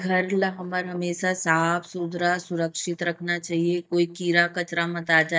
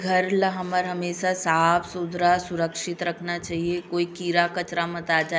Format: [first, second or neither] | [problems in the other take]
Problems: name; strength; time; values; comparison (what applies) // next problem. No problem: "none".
second | noise reduction (neural mask model DeepFilterNet 3)